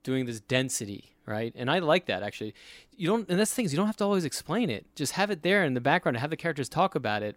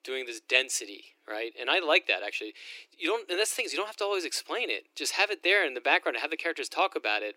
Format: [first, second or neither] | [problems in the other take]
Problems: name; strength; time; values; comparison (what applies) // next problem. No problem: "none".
first | thin; very; fading below 300 Hz